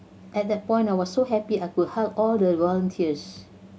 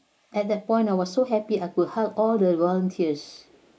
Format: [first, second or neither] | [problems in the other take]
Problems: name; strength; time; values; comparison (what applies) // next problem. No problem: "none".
first | noise reduction (neural mask model Resemble Enhance denoiser)